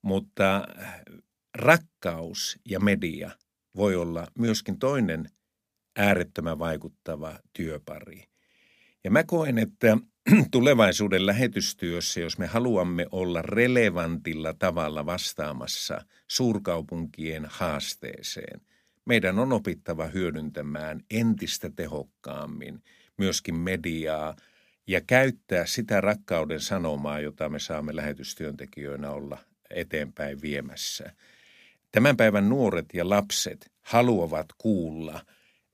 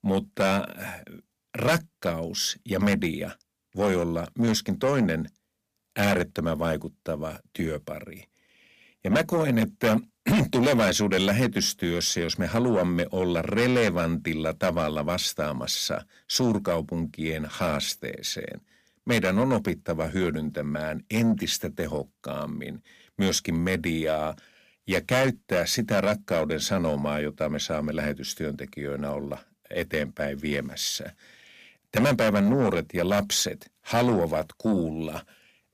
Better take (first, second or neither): first